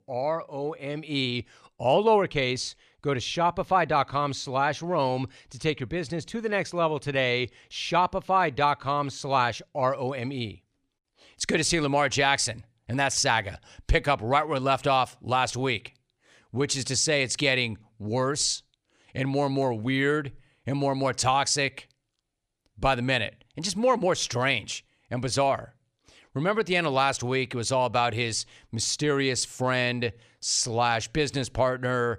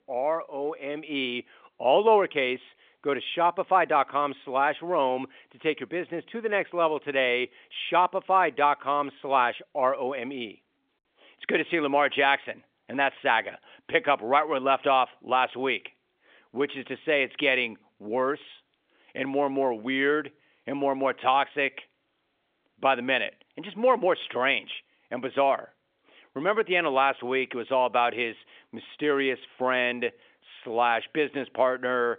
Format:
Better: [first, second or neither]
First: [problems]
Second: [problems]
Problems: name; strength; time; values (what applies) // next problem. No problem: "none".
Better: first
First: none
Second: phone-call audio; nothing above 3.5 kHz